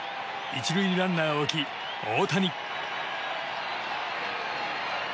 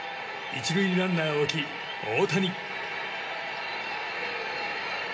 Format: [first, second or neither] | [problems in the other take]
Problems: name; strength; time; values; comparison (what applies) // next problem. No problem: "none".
first | room echo; dies away in 2.2 s